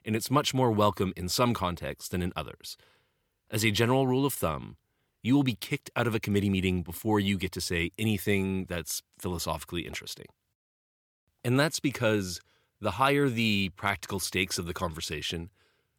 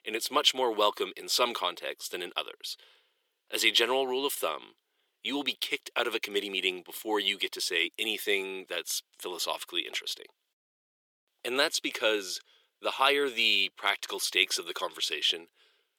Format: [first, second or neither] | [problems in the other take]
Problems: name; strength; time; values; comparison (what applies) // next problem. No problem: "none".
first | thin; very; fading below 400 Hz